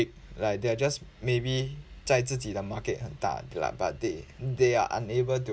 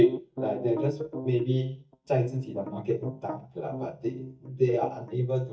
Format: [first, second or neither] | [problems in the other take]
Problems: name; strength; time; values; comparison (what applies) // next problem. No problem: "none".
first | noise reduction (neural mask model DeepFilterNet 3)